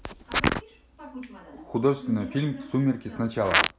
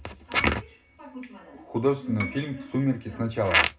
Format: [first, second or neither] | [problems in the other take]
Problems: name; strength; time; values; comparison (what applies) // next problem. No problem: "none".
first | background sound (Piano); 15 dB below the speech // room echo; dies away in 0.2 s